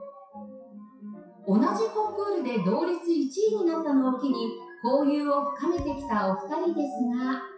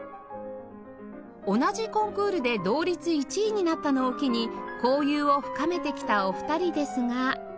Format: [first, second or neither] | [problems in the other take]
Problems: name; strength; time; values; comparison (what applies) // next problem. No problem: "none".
second | noise reduction (classical method WPE with log-MMSE)